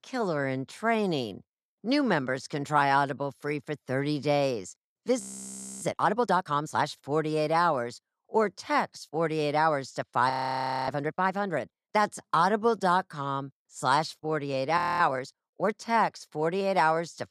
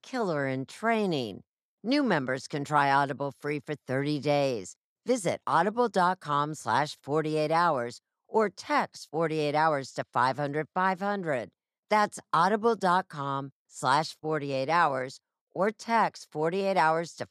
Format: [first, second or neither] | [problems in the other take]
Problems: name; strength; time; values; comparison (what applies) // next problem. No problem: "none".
second | audio freezing; at 5 s for 0.5 s, at 10 s for 0.5 s and at 15 s